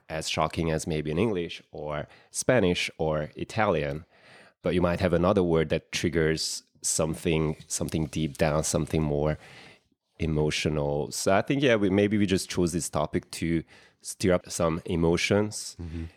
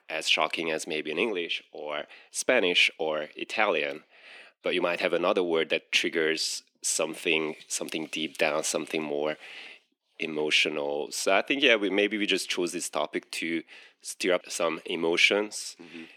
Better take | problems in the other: first | thin; somewhat; fading below 250 Hz

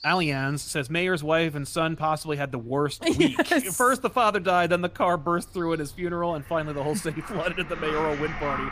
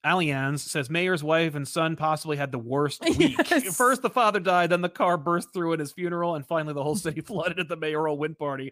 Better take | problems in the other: second | animal sounds; noticeable; throughout; 15 dB below the speech

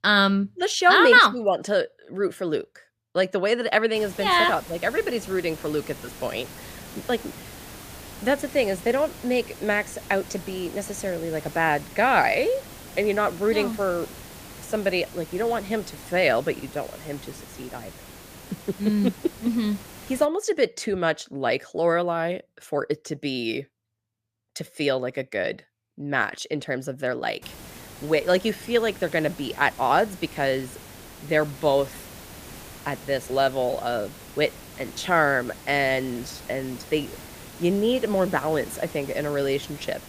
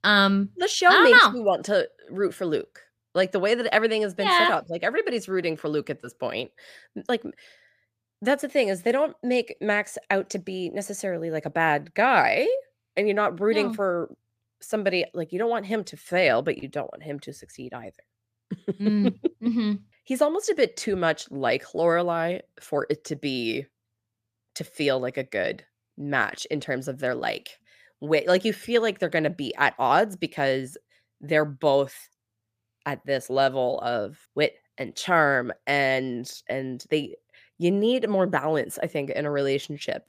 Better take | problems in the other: second | hiss; noticeable; from 4 to 20 s and from 27 s on; 15 dB below the speech

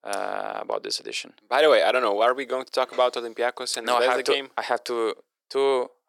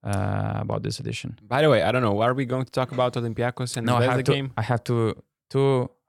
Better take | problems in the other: second | thin; very; fading below 400 Hz

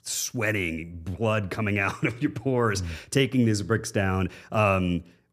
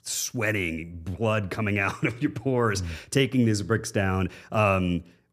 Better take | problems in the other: neither | none

